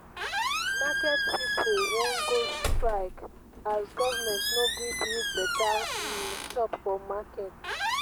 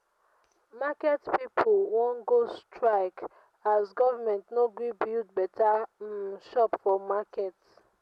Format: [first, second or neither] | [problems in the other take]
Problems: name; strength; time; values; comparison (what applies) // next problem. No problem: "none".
second | background sound (Squeak); 2 dB above the speech